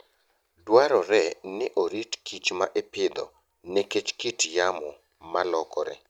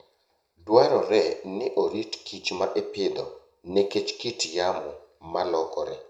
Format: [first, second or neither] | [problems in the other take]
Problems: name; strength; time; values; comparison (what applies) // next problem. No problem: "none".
first | room echo; dies away in 0.4 s